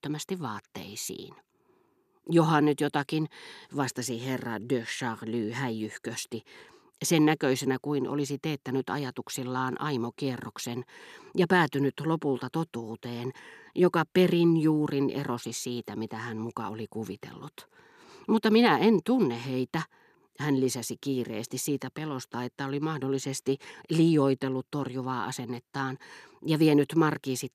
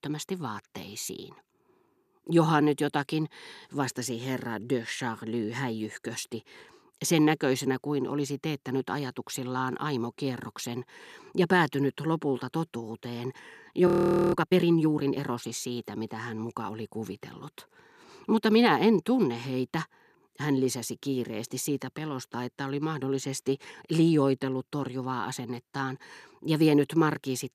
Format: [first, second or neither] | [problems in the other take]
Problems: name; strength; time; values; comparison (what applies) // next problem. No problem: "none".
first | audio freezing; at 14 s